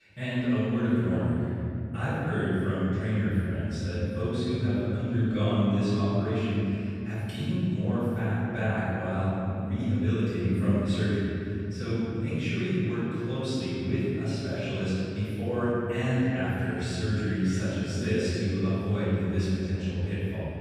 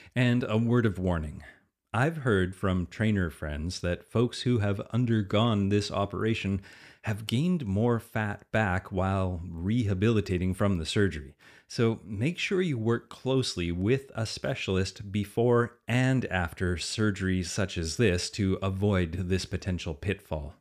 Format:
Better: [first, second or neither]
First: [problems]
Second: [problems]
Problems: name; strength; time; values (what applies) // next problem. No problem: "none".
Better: second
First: room echo; strong; dies away in 3 s // off-mic speech; far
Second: none